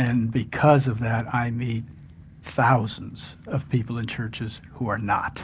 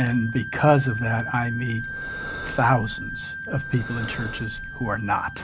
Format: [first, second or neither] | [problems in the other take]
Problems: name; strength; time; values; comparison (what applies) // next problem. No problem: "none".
first | background sound (Wind instrument, woodwind instrument + Breathing); 8 dB below the speech